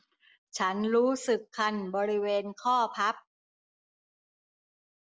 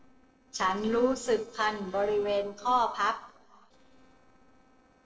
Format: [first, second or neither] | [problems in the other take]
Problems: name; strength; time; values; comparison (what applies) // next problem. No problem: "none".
first | noise reduction (neural separator model SepFormer DNS4)